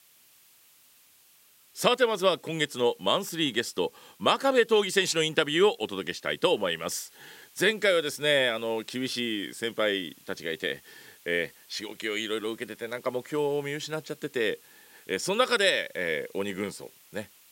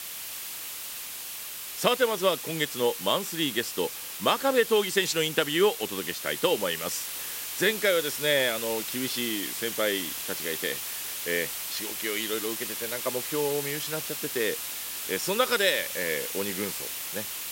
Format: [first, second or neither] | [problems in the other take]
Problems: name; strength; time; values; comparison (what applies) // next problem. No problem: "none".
first | hiss; loud; throughout; 5 dB below the speech; faint in the first